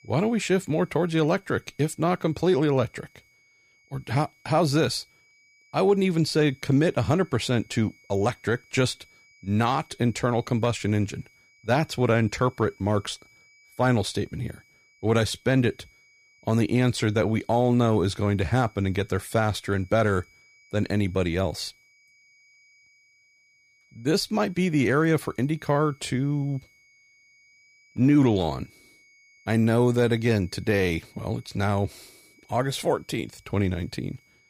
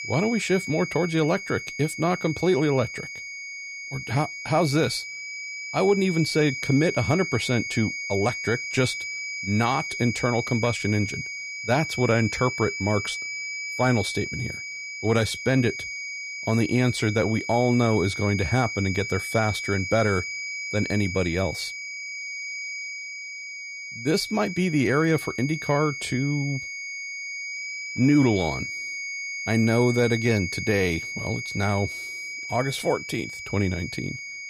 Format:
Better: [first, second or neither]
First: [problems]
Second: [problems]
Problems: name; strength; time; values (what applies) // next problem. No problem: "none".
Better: first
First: high-pitched whine; faint; throughout; 2 kHz, 30 dB below the speech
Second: high-pitched whine; loud; throughout; 2 kHz, 6 dB below the speech